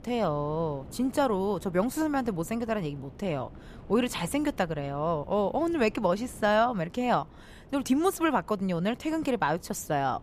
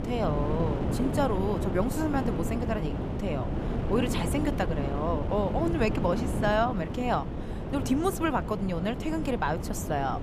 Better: first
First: wind noise on the microphone; occasional gusts; 25 dB below the speech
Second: wind noise on the microphone; heavy; 6 dB below the speech

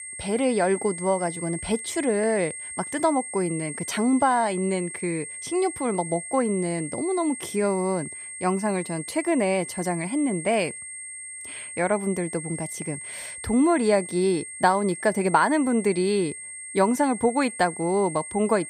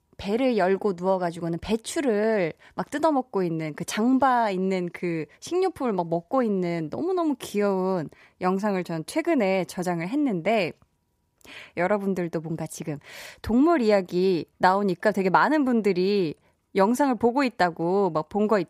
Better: second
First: high-pitched whine; loud; throughout; 8.5 kHz, 9 dB below the speech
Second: none

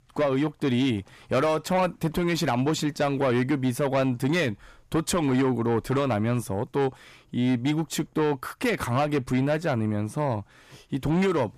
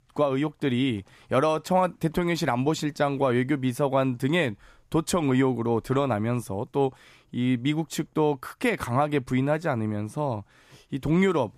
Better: second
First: distortion; slight; 10 dB below the speech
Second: none

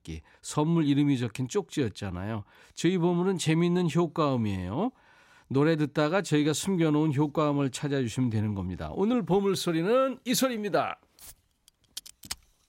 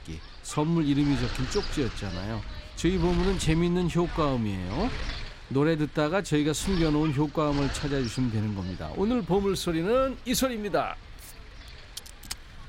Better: first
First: none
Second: wind noise on the microphone; occasional gusts; 10 dB below the speech

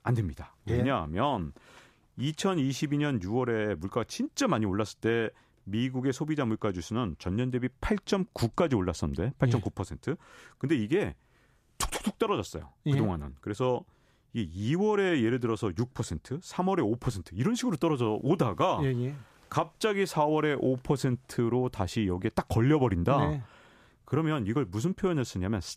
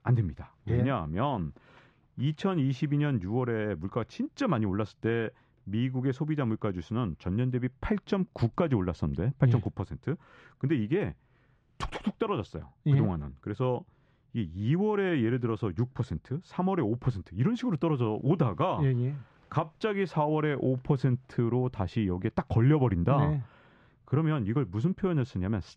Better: first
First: none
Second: muffled; slightly; fading above 3 kHz

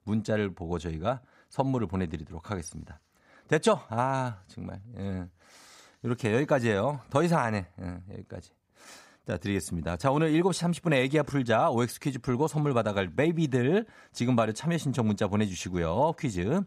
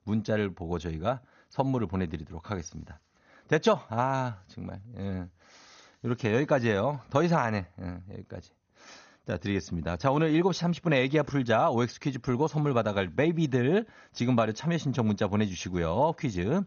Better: first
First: none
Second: garbled, watery; slightly; nothing above 6.5 kHz

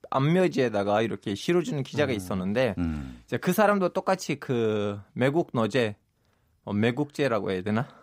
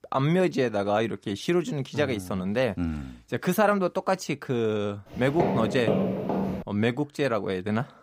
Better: first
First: none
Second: footsteps; loud; from 5 to 6.5 s; peak 1 dB above the speech

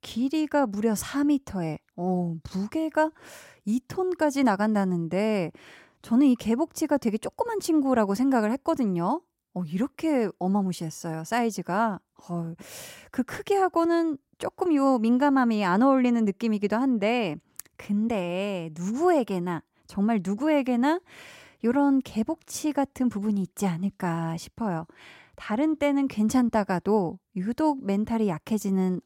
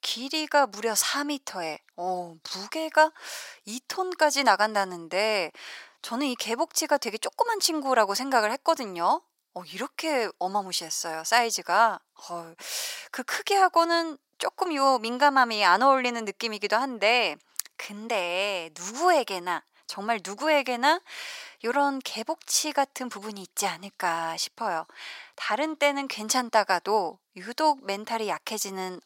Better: first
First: none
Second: thin; very; fading below 750 Hz

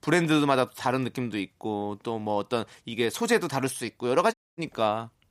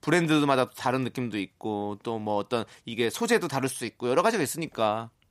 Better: second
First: audio cutting out; at 4.5 s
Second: none

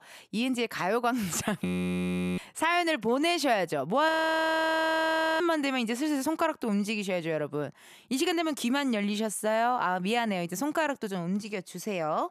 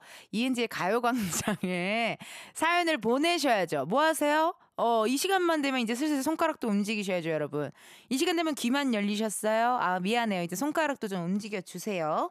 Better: second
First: audio freezing; at 1.5 s for 0.5 s and at 4 s for 1.5 s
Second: none

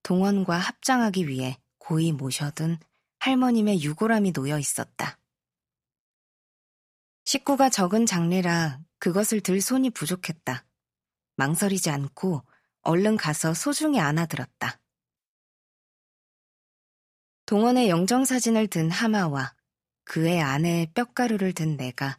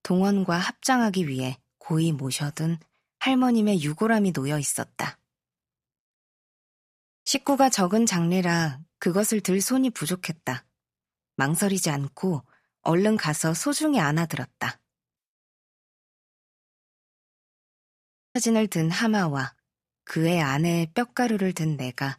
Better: first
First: none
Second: audio cutting out; at 17 s for 1 s

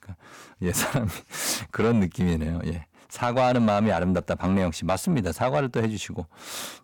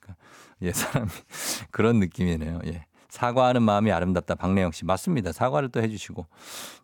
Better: second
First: distortion; slight; 10 dB below the speech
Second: none

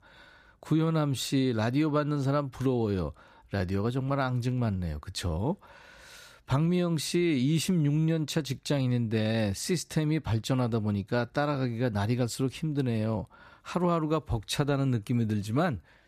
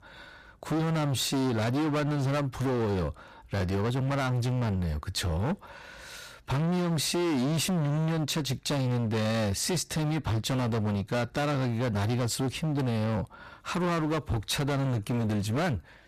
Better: first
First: none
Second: distortion; heavy; 33% of the sound clipped

